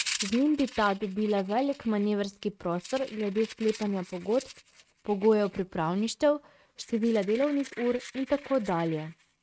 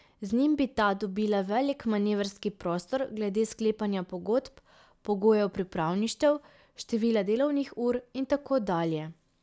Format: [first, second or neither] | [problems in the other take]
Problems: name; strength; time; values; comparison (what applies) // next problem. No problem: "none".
second | noise reduction (neural mask model RNNoise)